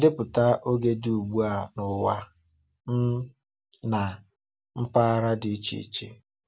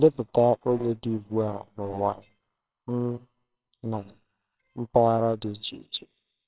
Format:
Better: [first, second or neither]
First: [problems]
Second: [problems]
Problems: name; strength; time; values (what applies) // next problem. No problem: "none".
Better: first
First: none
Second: noise reduction (neural separator model SepFormer WHAMR!)